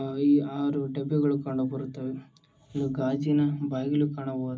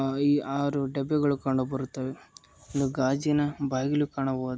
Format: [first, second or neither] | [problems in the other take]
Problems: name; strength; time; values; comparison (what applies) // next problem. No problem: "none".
second | room echo; dies away in 0.4 s